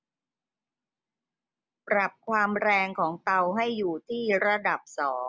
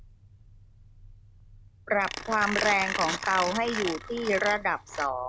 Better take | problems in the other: first | background sound (Mechanisms); 7 dB below the speech

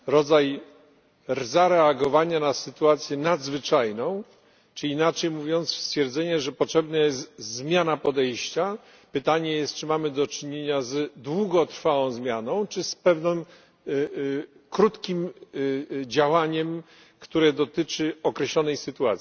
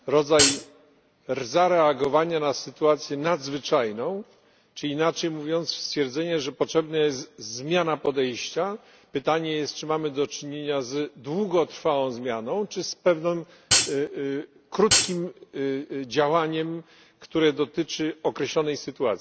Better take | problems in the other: first | background sound (Hi-hat); 3 dB above the speech

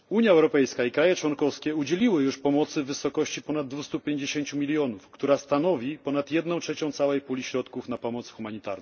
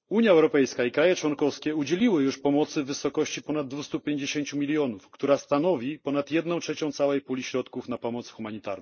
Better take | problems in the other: first | noise reduction (neural mask model Resemble Enhance denoiser)

